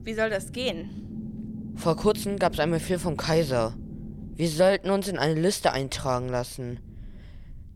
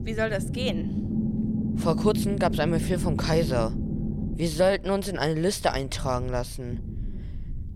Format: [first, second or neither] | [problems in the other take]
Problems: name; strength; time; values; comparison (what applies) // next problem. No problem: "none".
first | low rumble; loud; throughout; 10 dB below the speech; faint in the first